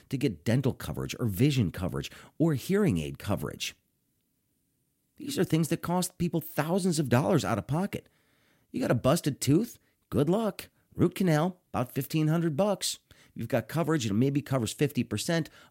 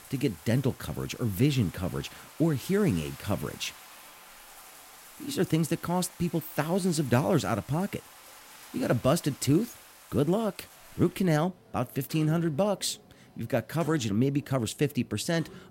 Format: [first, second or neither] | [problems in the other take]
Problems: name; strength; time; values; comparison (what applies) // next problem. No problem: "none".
first | household noises; noticeable; throughout; 20 dB below the speech